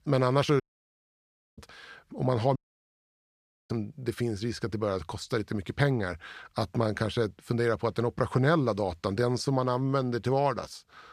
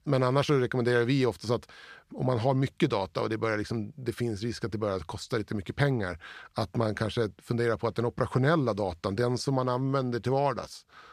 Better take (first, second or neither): second